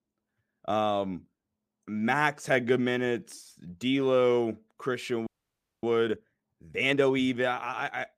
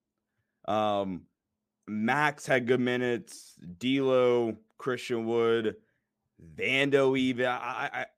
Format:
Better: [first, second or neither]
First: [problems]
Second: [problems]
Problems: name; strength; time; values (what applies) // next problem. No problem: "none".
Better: second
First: audio freezing; at 5.5 s for 0.5 s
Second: none